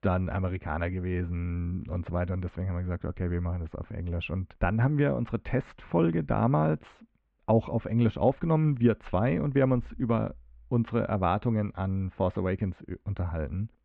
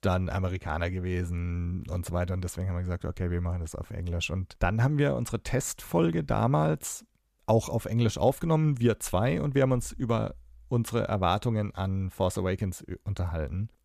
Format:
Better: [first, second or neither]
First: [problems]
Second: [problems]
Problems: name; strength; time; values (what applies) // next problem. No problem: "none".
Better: second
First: muffled; very; fading above 2.5 kHz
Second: none